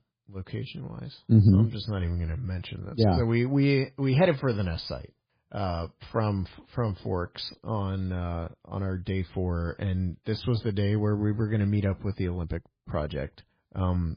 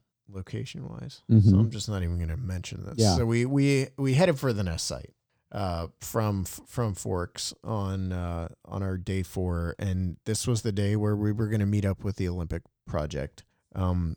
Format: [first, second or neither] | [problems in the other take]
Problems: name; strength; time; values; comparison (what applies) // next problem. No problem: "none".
second | garbled, watery; badly; nothing above 5 kHz